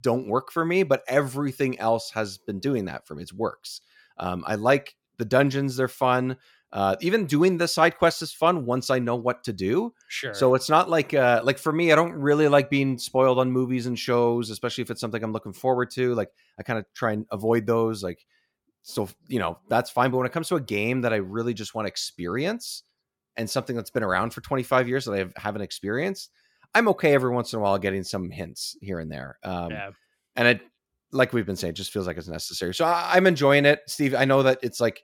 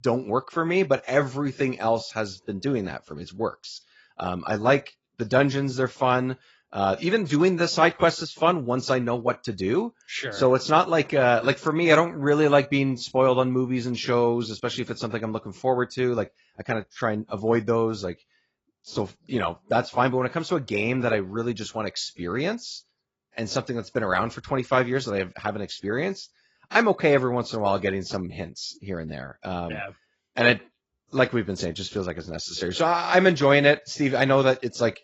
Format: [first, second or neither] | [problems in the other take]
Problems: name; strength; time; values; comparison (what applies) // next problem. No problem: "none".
first | garbled, watery; badly; nothing above 7.5 kHz